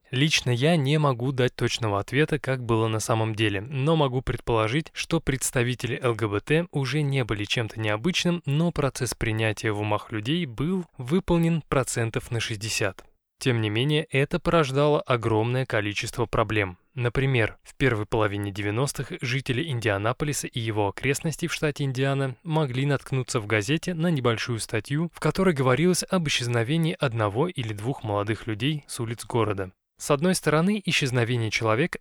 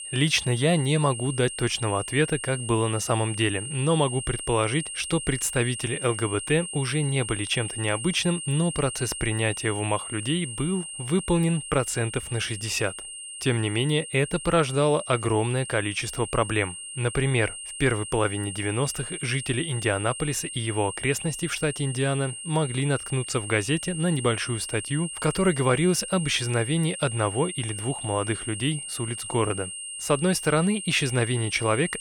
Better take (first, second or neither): first